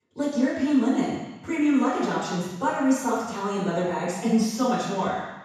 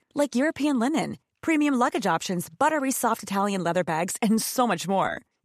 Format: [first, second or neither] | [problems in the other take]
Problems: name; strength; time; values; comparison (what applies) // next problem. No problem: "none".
second | room echo; strong; dies away in 1.1 s // off-mic speech; far